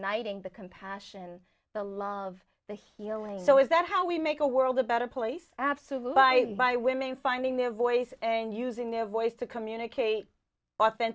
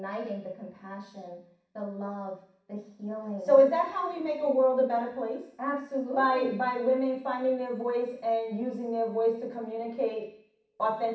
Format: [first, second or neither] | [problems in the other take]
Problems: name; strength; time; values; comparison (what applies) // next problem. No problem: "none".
first | room echo; dies away in 0.6 s